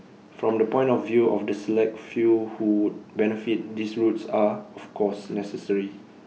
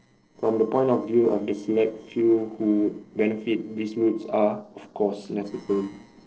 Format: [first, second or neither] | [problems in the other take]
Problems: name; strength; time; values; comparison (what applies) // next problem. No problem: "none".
first | noise reduction (neural separator model SepFormer DNS4)